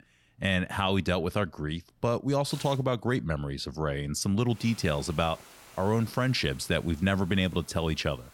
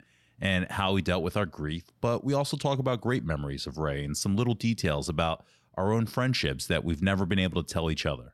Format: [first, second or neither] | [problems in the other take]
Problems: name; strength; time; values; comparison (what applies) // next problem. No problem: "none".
second | hiss; faint; until 2.5 s and from 4.5 s on; 20 dB below the speech